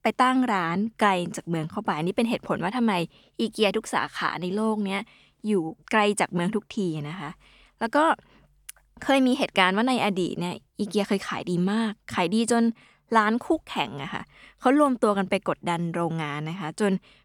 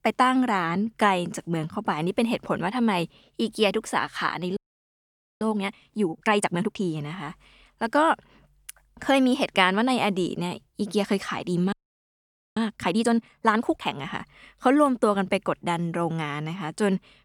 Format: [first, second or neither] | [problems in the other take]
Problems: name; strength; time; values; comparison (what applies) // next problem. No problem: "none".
first | audio freezing; at 4.5 s for 1 s and at 12 s for 1 s